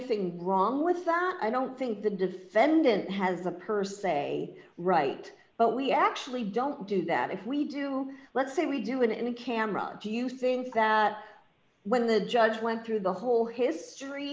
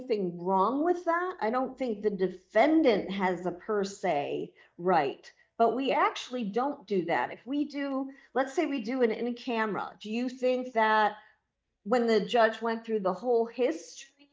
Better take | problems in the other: first | noise reduction (neural mask model DeepFilterNet 3)

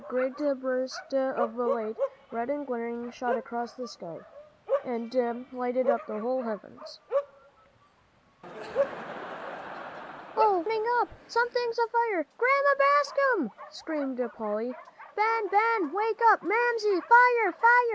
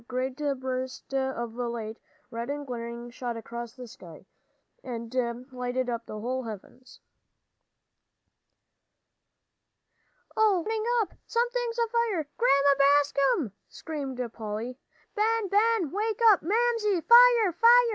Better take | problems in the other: second | background sound (Crowd + Bark); 10 dB below the speech

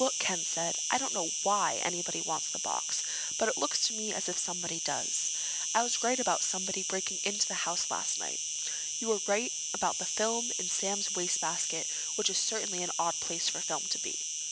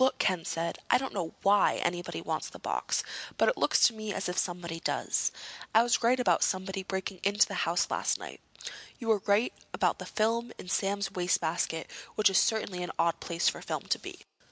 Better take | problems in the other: second | background sound (Insect); as loud as the speech

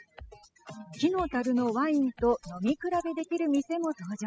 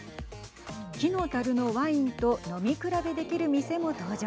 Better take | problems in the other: second | noise reduction (classical method spectral subtraction)

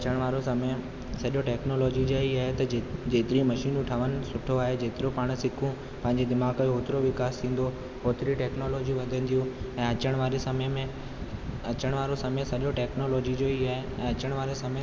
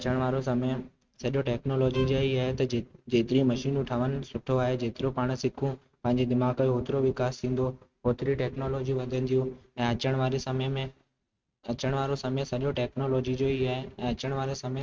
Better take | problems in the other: first | noise reduction (neural mask model RNNoise)

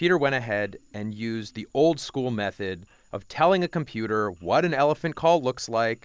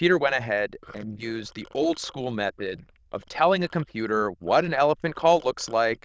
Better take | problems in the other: first | noise reduction (neural diffusion model UNIVERSE++)

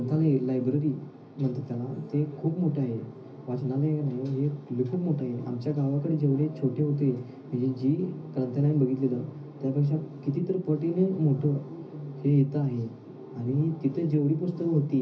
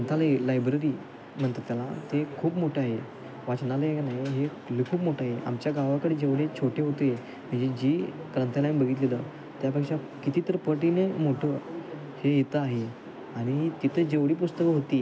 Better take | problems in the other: second | room echo; dies away in 0.5 s

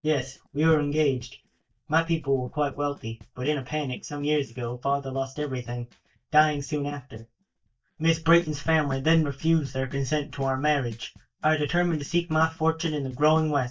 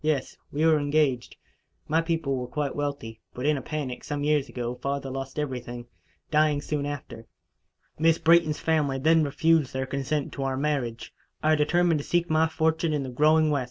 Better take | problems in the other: second | noise reduction (neural mask model DeepFilterNet 3)

